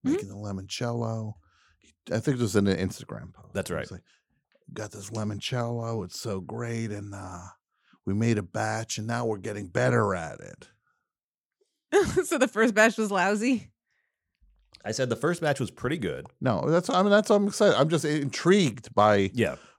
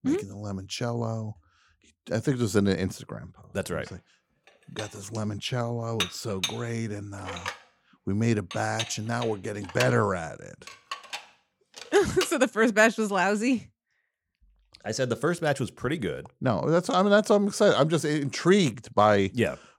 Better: first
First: none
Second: clattering dishes; noticeable; from 5 to 12 s; peak 5 dB below the speech

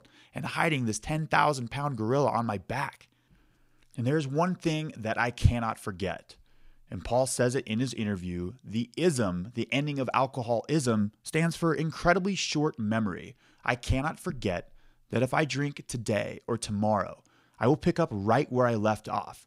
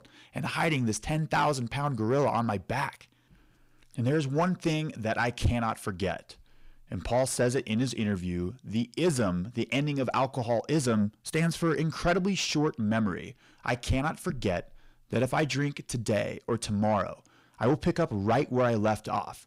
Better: first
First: none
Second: distortion; slight; 10 dB below the speech

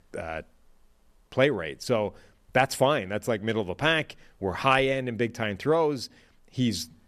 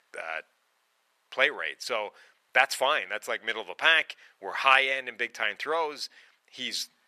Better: first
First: none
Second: thin; very; fading below 700 Hz

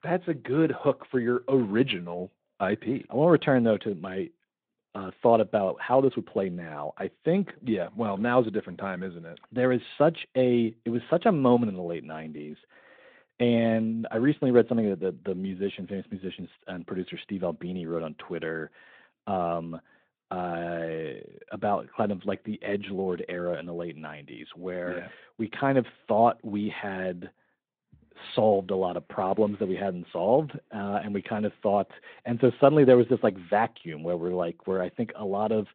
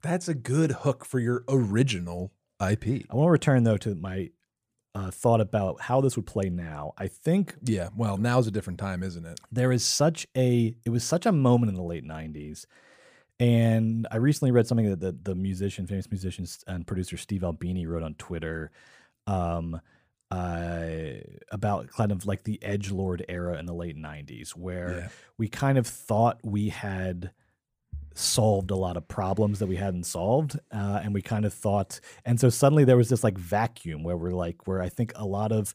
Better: second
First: phone-call audio; nothing above 3.5 kHz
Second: none

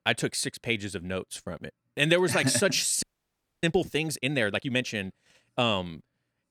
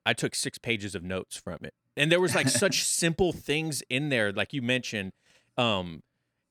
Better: second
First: audio freezing; at 3 s for 0.5 s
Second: none

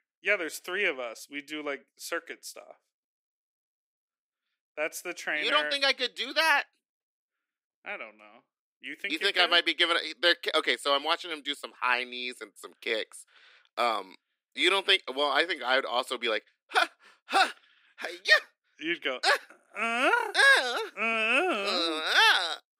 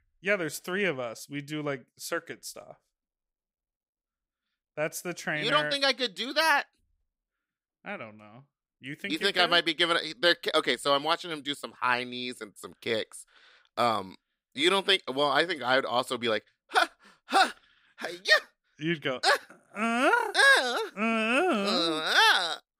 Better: second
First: thin; very slightly; fading below 300 Hz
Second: none

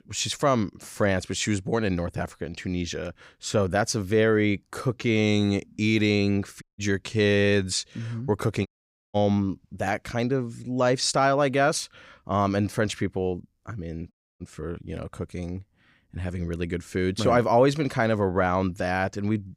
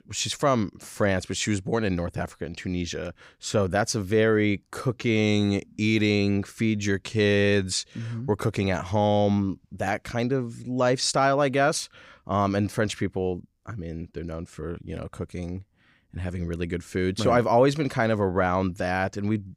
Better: second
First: audio cutting out; at 6.5 s, at 8.5 s and at 14 s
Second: none

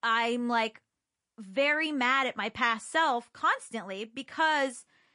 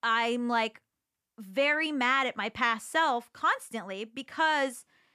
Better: second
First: garbled, watery; slightly; nothing above 10.5 kHz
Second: none

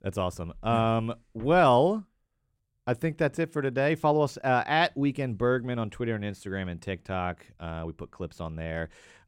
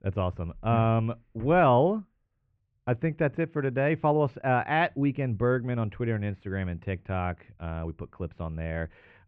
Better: first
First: none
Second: muffled; very; fading above 2.5 kHz

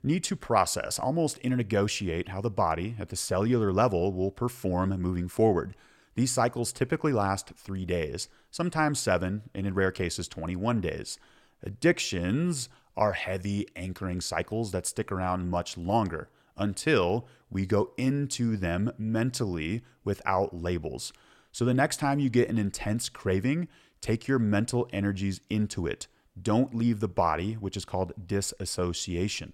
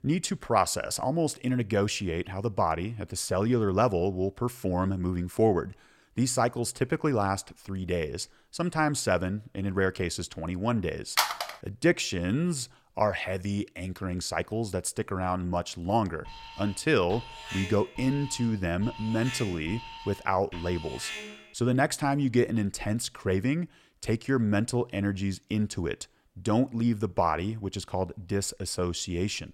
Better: first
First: none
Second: phone ringing; loud; at 11 s; peak 2 dB above the speech // alarm; noticeable; from 16 to 22 s; peak 8 dB below the speech

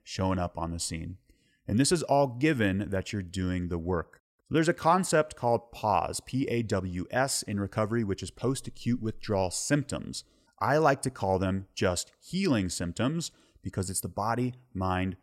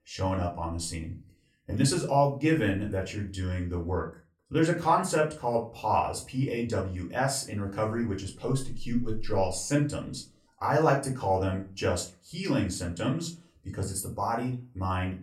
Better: first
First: none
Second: off-mic speech; far // room echo; very slight; dies away in 0.3 s

